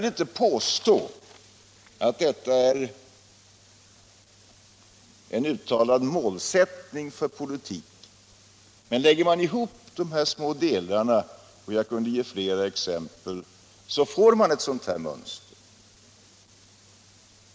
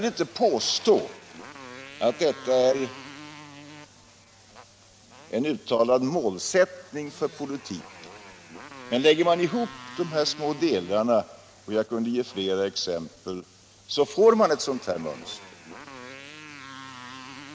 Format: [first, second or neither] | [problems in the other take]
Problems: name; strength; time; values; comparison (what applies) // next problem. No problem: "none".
first | background sound (Motorcycle); 19 dB below the speech